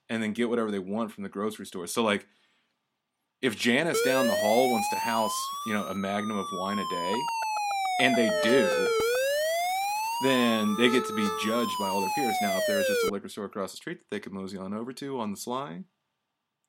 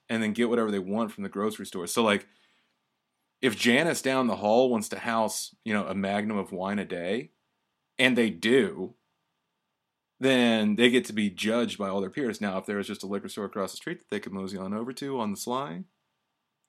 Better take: second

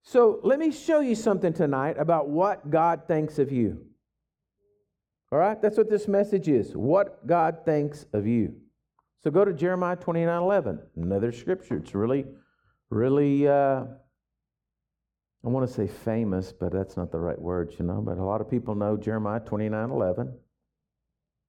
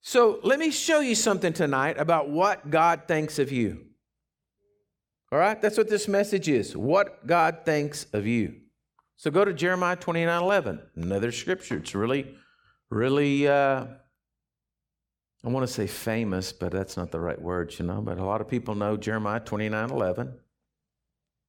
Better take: second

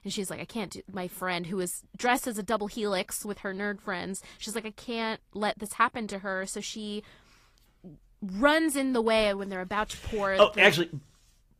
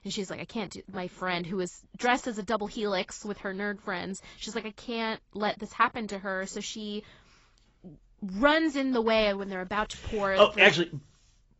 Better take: first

